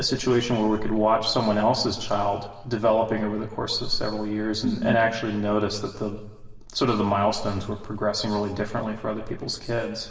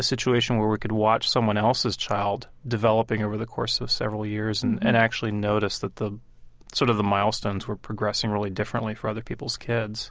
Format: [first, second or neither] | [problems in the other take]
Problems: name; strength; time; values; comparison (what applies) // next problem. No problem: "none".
second | room echo; dies away in 1.2 s